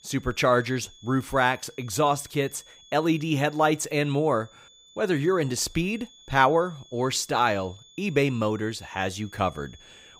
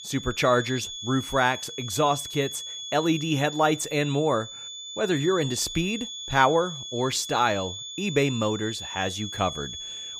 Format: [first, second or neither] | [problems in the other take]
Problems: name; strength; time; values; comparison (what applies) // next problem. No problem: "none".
first | high-pitched whine; loud; throughout; 3.5 kHz, 9 dB below the speech; faint in the first